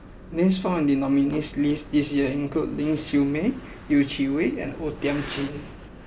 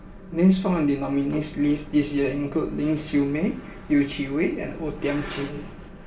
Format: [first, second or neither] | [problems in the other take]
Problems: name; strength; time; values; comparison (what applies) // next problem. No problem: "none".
first | room echo; dies away in 0.8 s